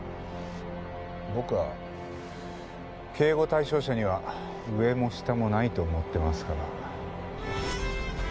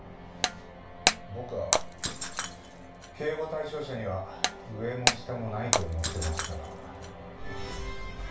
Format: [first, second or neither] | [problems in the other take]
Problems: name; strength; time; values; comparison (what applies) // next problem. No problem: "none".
first | background sound (Shatter); 2 dB above the speech // room echo; dies away in 0.3 s